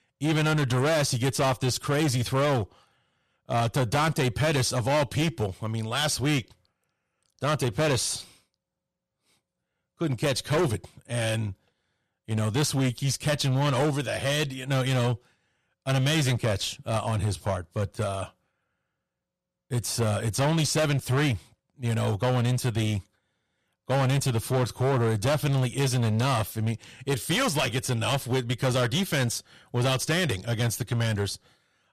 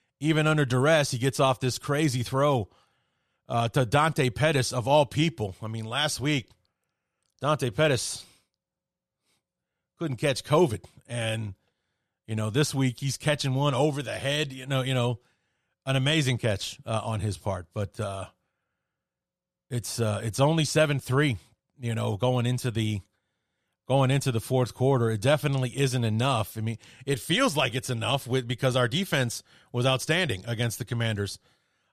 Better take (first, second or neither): second